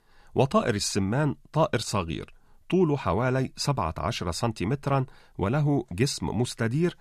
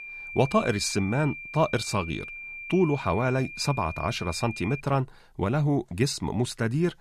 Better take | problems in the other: first | high-pitched whine; noticeable; until 5 s; 2.5 kHz, 10 dB below the speech

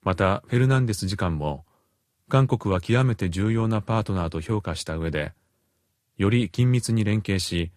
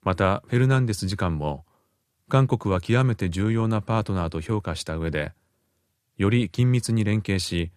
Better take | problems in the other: second | garbled, watery; slightly; nothing above 14.5 kHz

